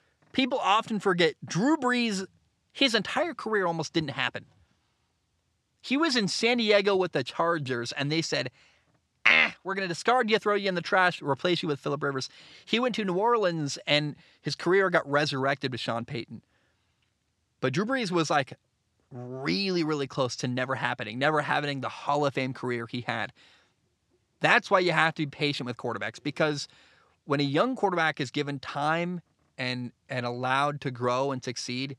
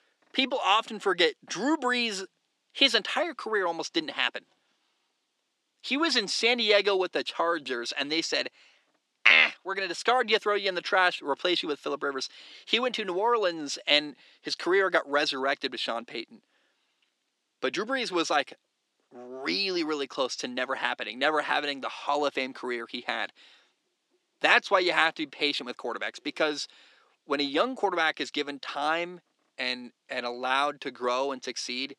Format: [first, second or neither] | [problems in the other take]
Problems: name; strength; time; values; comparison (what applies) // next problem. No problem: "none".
first | thin; very slightly; fading below 250 Hz